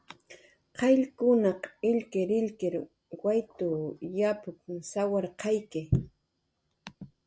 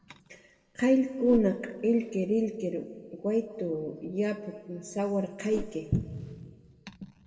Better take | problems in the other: first | background sound (Whoosh, swoosh, swish); 19 dB below the speech // room echo; dies away in 1.6 s

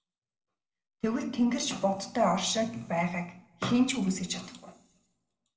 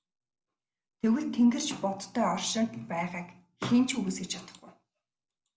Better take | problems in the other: second | room echo; dies away in 0.8 s

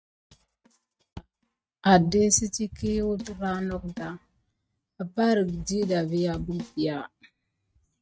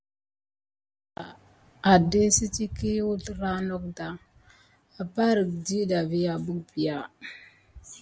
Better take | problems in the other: second | noise reduction (neural mask model RNNoise)

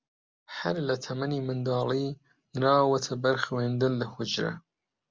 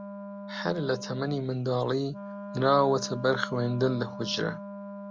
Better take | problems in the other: first | background sound (Wind instrument, woodwind instrument); 11 dB below the speech

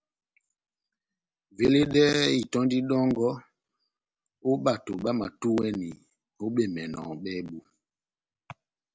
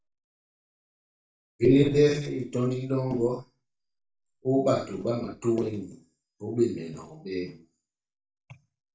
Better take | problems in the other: first | noise reduction (neural mask model DeepFilterNet 3)

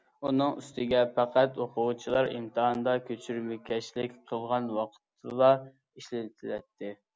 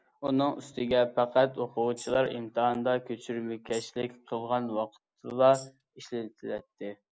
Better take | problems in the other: first | noise reduction (neural mask model Resemble Enhance denoiser)

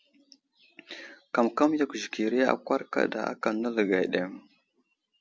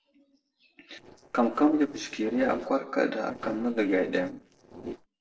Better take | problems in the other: first | noise reduction (neural separator model SepFormer DNS4)

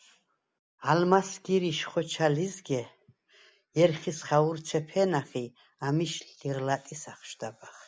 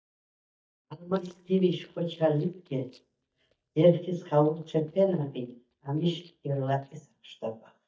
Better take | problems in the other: first | noise reduction (neural mask model DeepFilterNet 3)

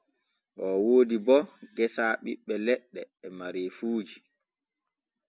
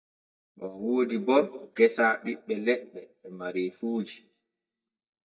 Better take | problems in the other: first | noise reduction (neural mask model DeepFilterNet 3)

